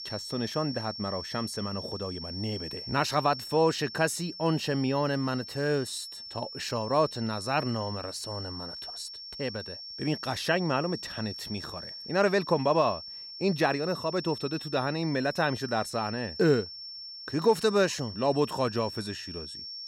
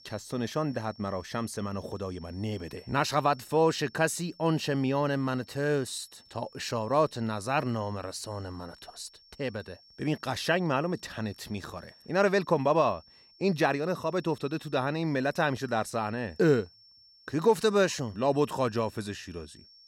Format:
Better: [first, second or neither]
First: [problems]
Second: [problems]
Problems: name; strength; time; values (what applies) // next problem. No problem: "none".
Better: second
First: high-pitched whine; loud; throughout; 5.5 kHz, 10 dB below the speech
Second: high-pitched whine; faint; throughout; 5.5 kHz, 25 dB below the speech